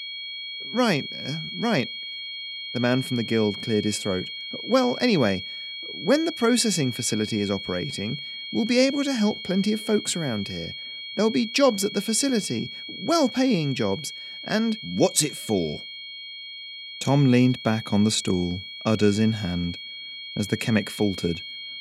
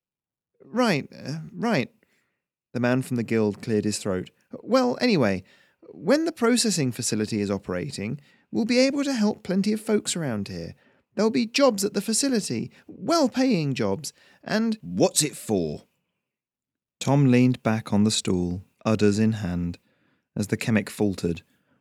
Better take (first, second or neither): second